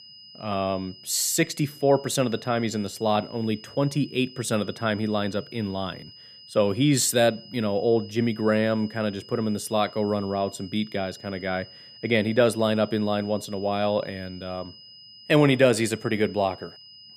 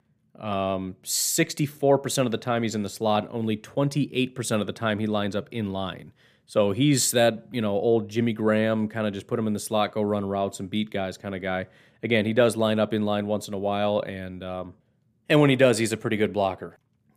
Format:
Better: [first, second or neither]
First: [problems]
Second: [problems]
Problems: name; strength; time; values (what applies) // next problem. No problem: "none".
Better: second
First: high-pitched whine; noticeable; throughout; 5 kHz, 20 dB below the speech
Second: none